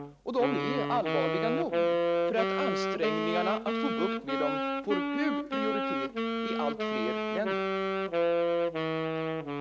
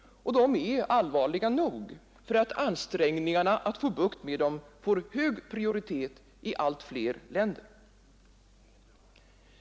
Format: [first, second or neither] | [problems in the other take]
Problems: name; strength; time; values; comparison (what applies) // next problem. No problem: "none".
second | background sound (Wind instrument, woodwind instrument); 4 dB above the speech